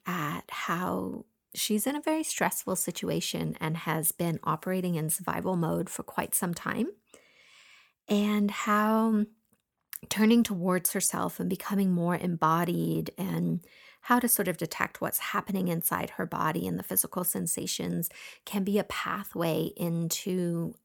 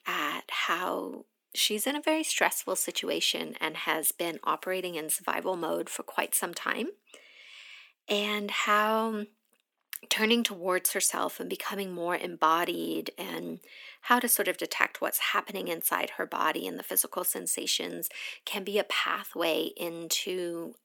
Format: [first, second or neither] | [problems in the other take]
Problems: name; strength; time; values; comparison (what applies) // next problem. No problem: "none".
first | thin; somewhat; fading below 250 Hz